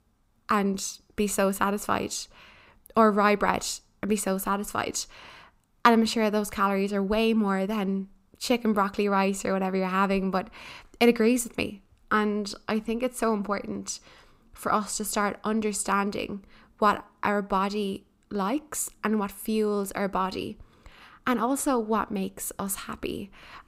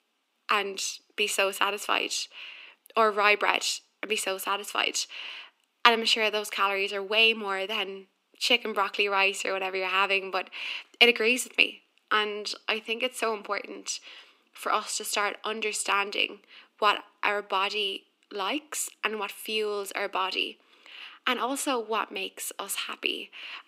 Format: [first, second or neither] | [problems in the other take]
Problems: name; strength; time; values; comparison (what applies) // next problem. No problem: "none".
first | thin; somewhat; fading below 300 Hz